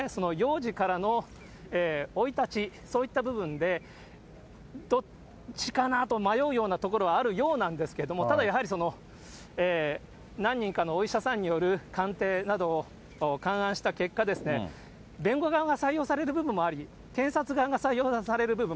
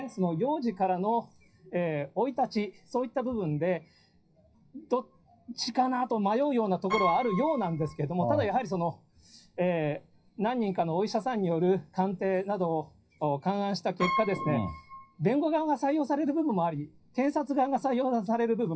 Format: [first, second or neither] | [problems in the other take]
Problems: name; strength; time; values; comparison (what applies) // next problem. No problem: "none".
first | noise reduction (classical method WPE with log-MMSE)